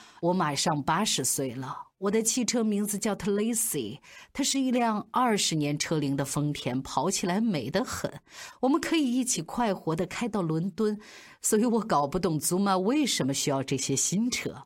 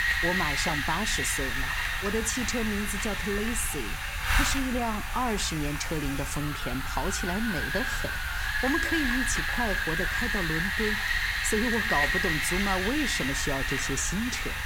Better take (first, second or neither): first